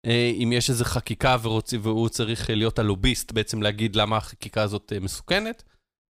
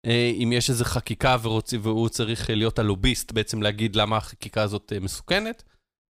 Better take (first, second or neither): neither